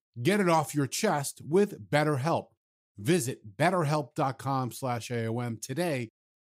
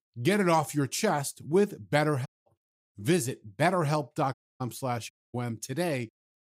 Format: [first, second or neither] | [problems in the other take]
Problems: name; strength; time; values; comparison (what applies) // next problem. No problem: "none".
first | audio cutting out; at 2.5 s, at 4.5 s and at 5 s